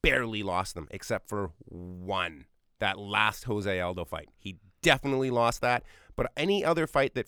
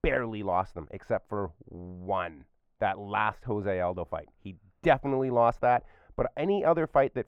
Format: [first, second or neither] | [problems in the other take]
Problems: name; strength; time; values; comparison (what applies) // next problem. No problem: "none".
first | muffled; very; fading above 3 kHz